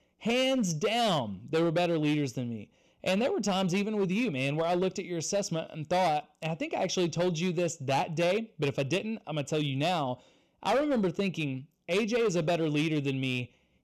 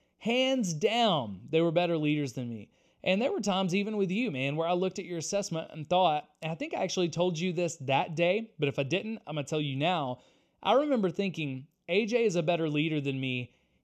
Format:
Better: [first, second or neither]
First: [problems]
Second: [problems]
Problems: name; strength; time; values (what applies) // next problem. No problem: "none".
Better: second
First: distortion; slight; 9% of the sound clipped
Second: none